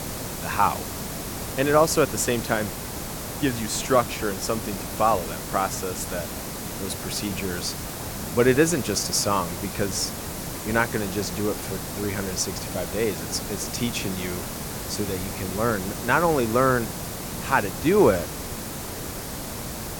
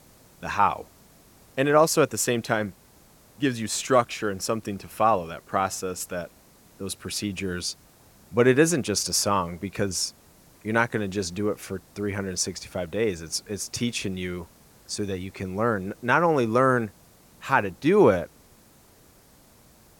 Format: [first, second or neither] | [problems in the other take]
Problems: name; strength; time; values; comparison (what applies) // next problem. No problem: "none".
second | hiss; loud; throughout; 7 dB below the speech; faint in the second